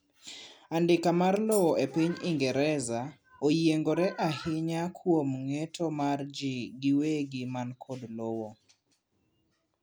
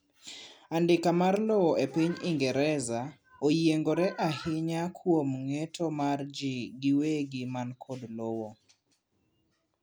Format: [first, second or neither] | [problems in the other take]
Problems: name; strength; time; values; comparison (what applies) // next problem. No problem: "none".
second | background sound (Tambourine); 13 dB below the speech